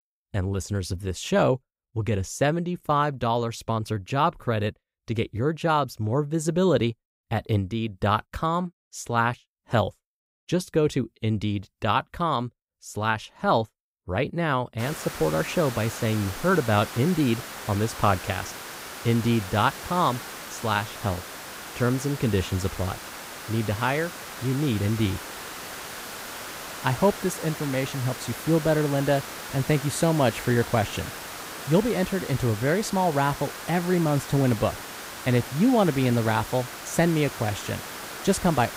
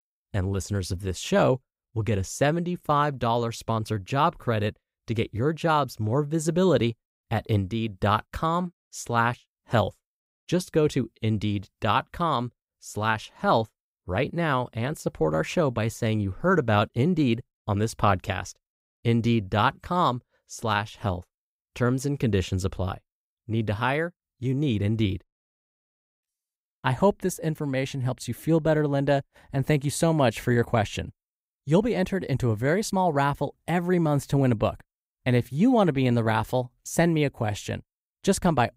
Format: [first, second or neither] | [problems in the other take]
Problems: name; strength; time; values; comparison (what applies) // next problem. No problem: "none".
second | hiss; noticeable; from 15 s on; 10 dB below the speech